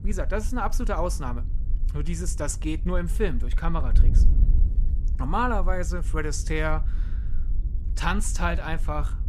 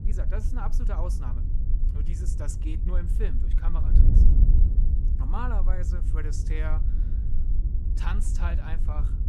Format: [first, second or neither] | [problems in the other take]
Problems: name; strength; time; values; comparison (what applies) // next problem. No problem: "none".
first | wind noise on the microphone; heavy; 5 dB below the speech; occasional gusts in the first